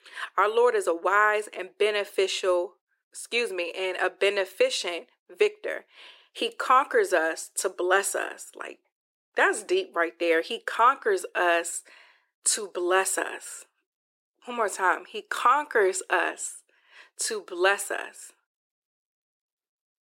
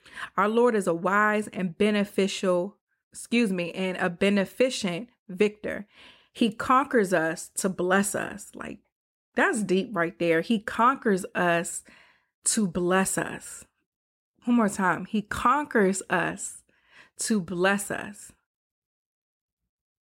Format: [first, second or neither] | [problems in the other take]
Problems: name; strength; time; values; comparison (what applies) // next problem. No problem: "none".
second | thin; very; fading below 350 Hz